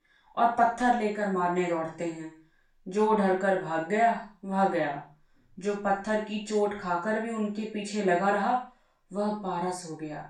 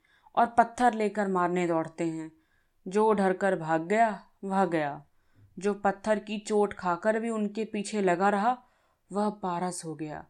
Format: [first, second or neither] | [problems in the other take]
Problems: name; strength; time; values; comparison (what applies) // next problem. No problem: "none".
second | room echo; noticeable; dies away in 0.3 s // off-mic speech; far